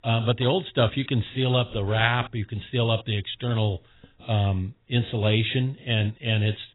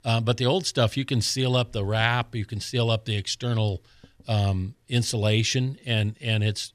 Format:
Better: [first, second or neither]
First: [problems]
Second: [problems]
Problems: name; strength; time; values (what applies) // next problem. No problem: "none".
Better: second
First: garbled, watery; badly; nothing above 4 kHz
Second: none